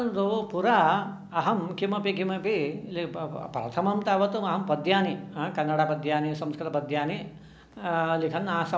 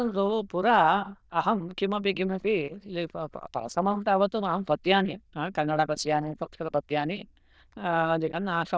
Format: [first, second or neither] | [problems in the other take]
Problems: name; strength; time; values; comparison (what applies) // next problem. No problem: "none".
first | noise reduction (neural diffusion model UNIVERSE++)